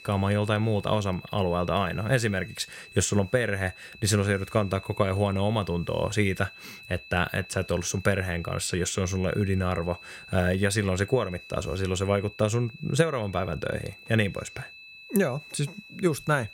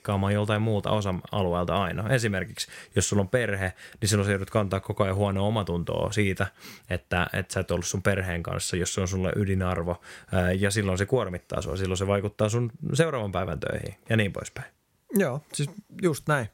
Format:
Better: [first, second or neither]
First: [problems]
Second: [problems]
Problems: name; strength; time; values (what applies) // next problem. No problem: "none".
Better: second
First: high-pitched whine; noticeable; throughout; 2.5 kHz, 20 dB below the speech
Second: none